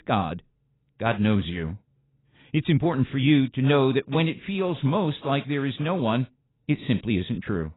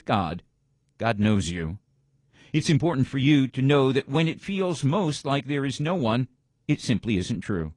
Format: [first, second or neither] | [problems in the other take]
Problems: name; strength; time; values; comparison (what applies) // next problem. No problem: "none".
second | garbled, watery; badly; nothing above 4 kHz; slightly in the second